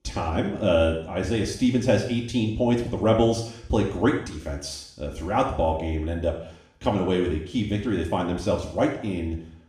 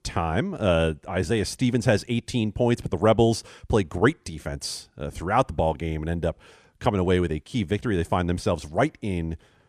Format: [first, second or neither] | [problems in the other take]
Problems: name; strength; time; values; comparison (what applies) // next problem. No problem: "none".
second | room echo; noticeable; dies away in 0.6 s // off-mic speech; far